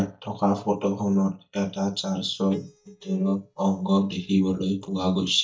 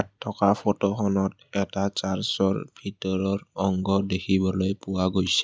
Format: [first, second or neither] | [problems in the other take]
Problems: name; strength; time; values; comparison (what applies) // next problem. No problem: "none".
second | noise reduction (neural mask model DeepFilterNet 3)